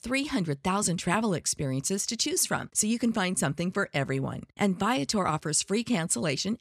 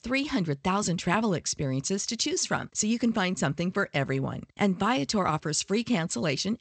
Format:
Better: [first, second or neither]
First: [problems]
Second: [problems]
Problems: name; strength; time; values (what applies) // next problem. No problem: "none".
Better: first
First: none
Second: garbled, watery; slightly; nothing above 8 kHz